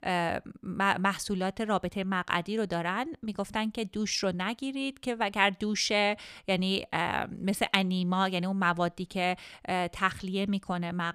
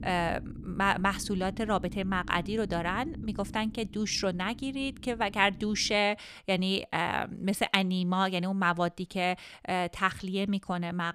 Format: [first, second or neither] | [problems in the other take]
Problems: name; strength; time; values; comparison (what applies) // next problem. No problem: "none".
first | low rumble; faint; until 6 s; 20 dB below the speech